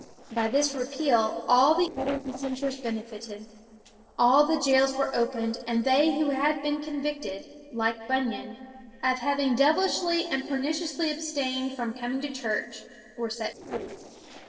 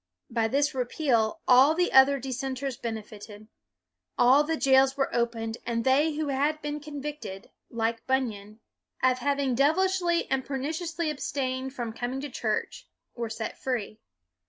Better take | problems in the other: second | noise reduction (neural separator model SepFormer DNS4)

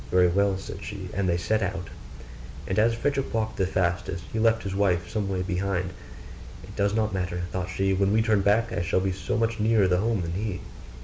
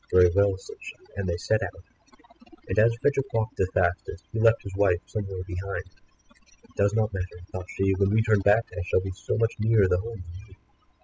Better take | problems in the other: first | noise reduction (classical method spectral subtraction)

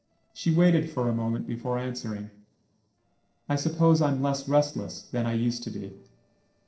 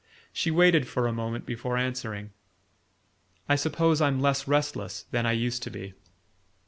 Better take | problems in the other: second | noise reduction (neural separator model SepFormer DNS4)

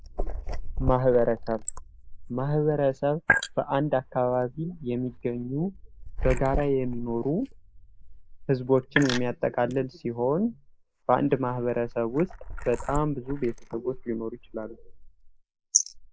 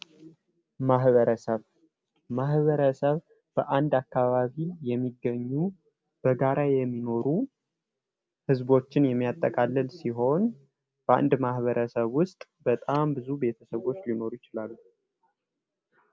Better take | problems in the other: second | noise reduction (neural mask model Resemble Enhance denoiser)

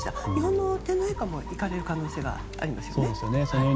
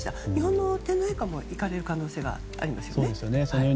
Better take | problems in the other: second | background sound (Chicken, rooster); 12 dB below the speech

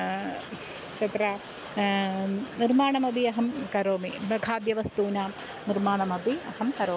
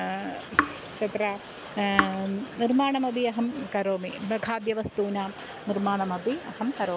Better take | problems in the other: first | background sound (Raindrop / Drip); 3 dB below the speech

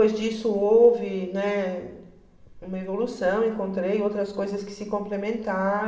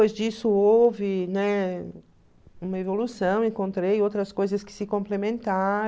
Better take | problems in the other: second | room echo; dies away in 0.9 s

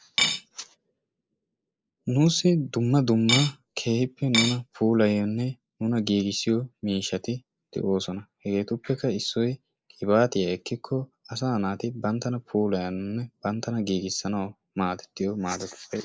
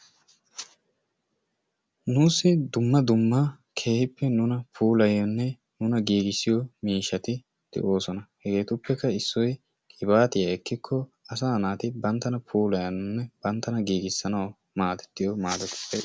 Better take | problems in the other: second | noise reduction (neural mask model Resemble Enhance denoiser)

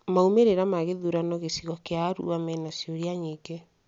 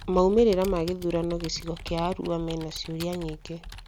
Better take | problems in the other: first | background sound (Computer keyboard); 13 dB below the speech

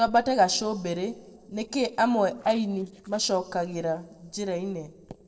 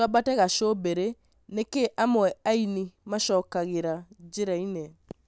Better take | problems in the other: second | noise reduction (neural separator model SepFormer DNS4)

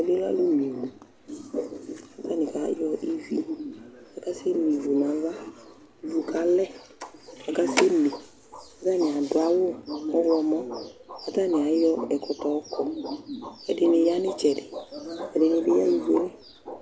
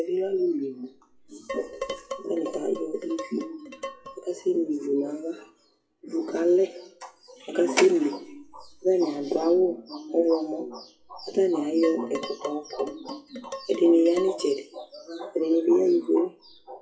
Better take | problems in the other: first | noise reduction (classical method WPE with log-MMSE)

